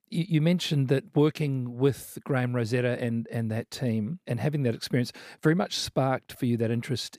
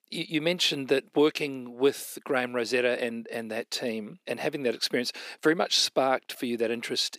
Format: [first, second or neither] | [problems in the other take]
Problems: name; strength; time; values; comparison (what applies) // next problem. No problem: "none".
first | thin; somewhat; fading below 300 Hz